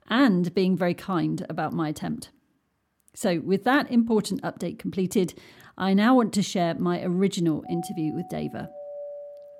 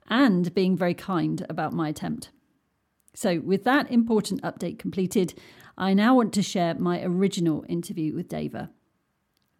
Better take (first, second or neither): second